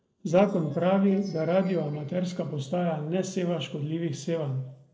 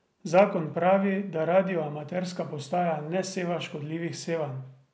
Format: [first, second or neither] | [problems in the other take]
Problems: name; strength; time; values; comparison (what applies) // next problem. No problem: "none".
second | noise reduction (neural separator model SepFormer DNS4)